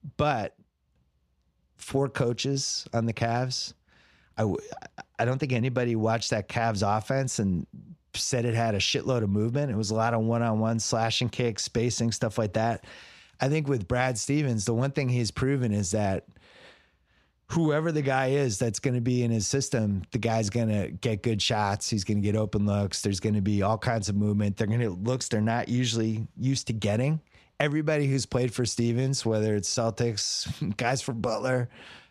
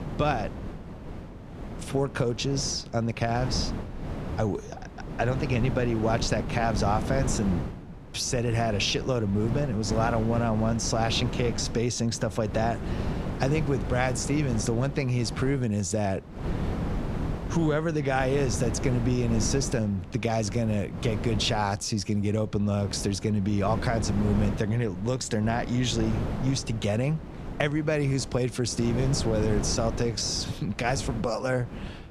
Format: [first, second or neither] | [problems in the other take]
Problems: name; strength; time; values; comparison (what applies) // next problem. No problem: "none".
first | wind noise on the microphone; occasional gusts; 10 dB below the speech